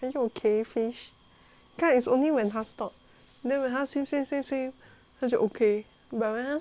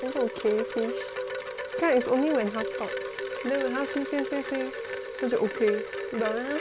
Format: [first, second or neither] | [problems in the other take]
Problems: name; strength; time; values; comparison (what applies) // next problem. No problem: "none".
first | background sound (Wind chime); 5 dB below the speech